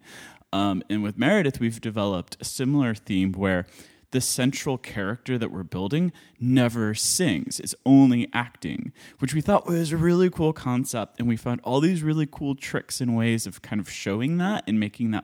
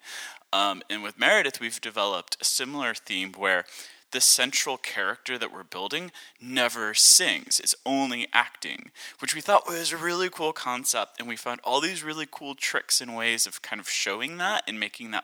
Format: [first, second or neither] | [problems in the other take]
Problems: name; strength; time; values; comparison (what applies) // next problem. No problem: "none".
first | thin; very; fading below 800 Hz